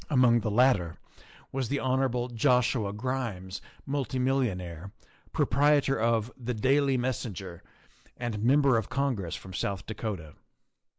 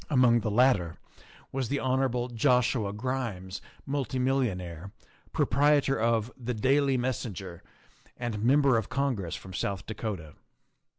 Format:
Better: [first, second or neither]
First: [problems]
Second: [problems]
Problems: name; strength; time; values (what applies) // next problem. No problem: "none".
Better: second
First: noise reduction (neural mask model Resemble Enhance denoiser)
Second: none